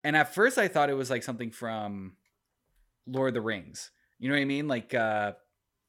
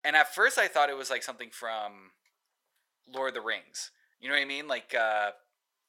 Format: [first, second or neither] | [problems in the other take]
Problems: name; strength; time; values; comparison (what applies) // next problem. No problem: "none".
first | thin; very; fading below 800 Hz